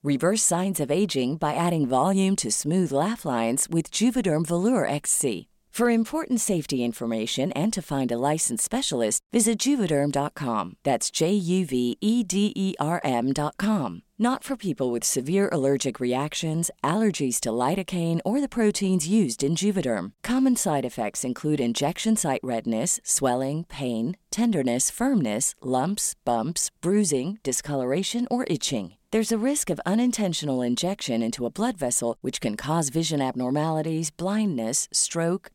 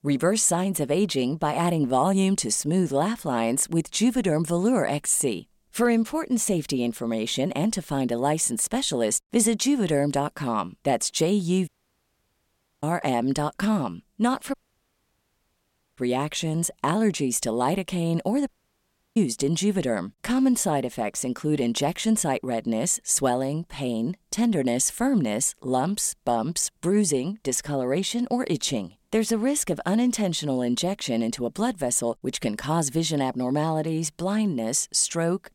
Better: first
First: none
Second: audio cutting out; at 12 s for 1 s, at 15 s for 1.5 s and at 18 s for 0.5 s

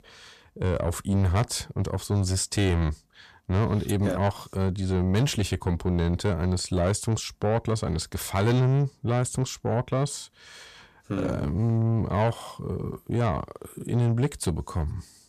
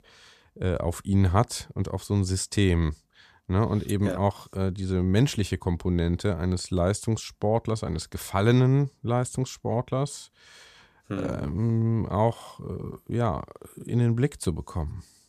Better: second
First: distortion; slight; 10 dB below the speech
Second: none

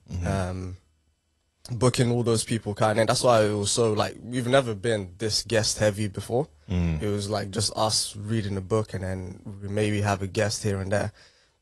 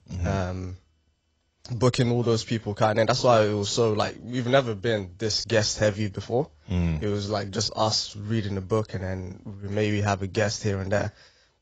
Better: first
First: garbled, watery; slightly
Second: garbled, watery; badly; nothing above 7.5 kHz

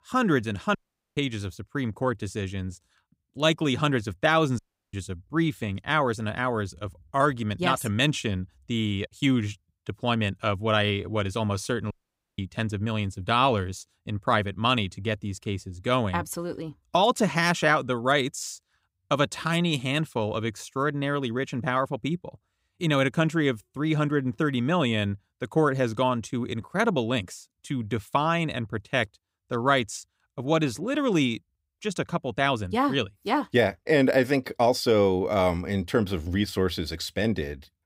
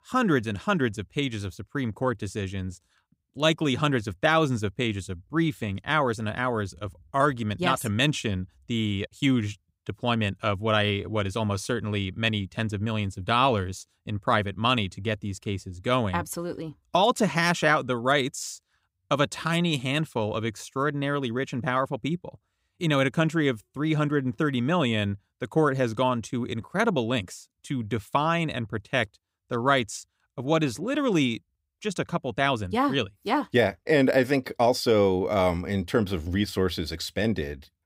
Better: second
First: audio cutting out; at 1 s, at 4.5 s and at 12 s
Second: none

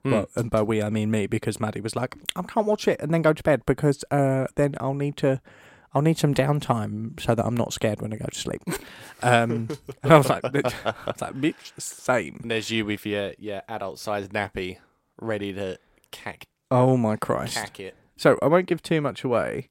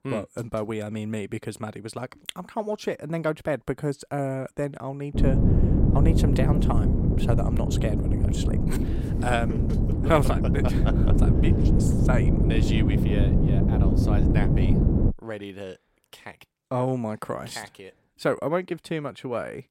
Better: first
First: none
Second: wind noise on the microphone; heavy; from 5 to 15 s; 1 dB below the speech

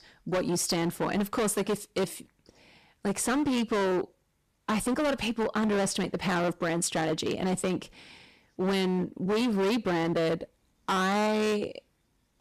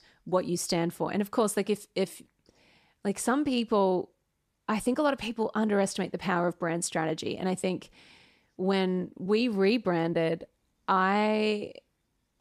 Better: second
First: distortion; heavy; 19% of the sound clipped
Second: none

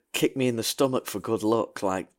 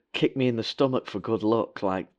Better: first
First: none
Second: muffled; very slightly; fading above 4 kHz

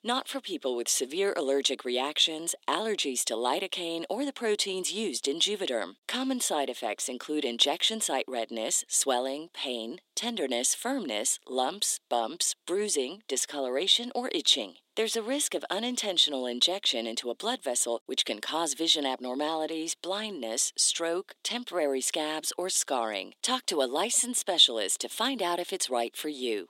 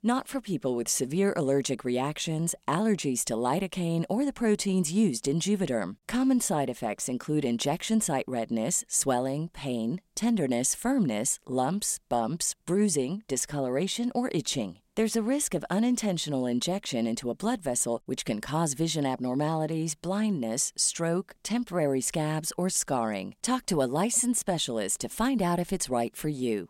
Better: second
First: thin; somewhat; fading below 300 Hz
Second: none

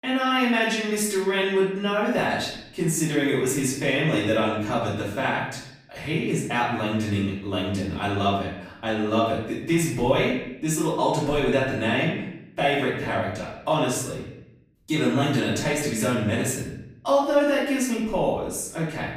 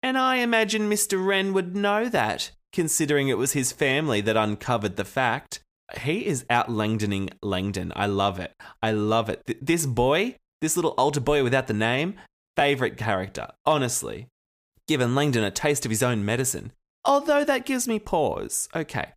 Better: second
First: off-mic speech; far // room echo; noticeable; dies away in 0.8 s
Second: none

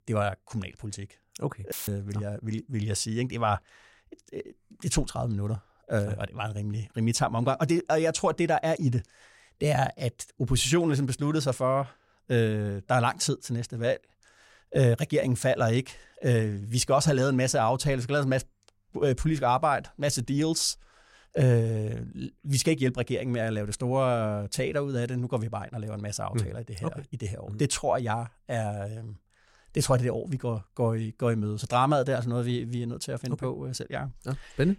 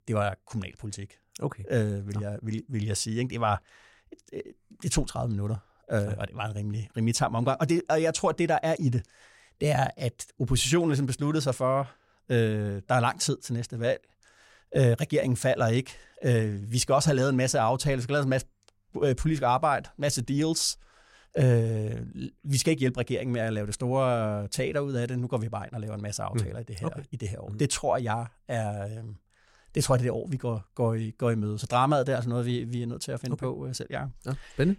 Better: second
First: audio cutting out; filled with static; at 1.5 s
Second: none

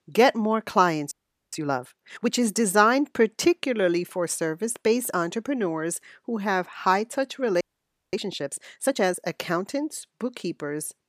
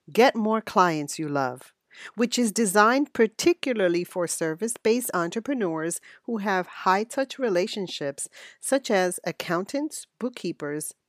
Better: second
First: audio freezing; at 1 s and at 7.5 s for 0.5 s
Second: none

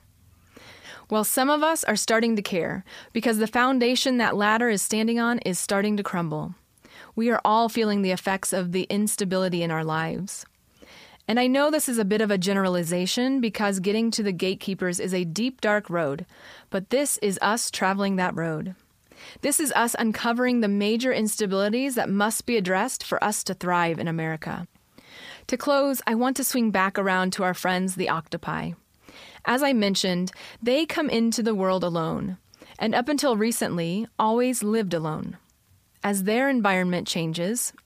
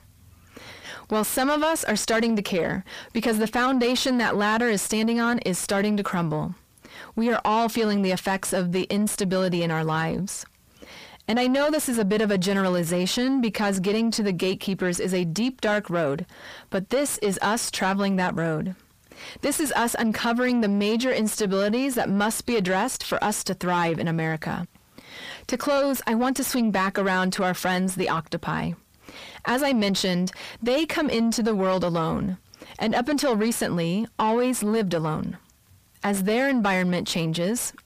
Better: first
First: none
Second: distortion; slight; 10 dB below the speech

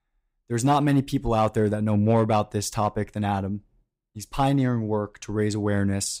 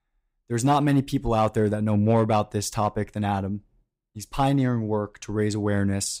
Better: neither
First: none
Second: none

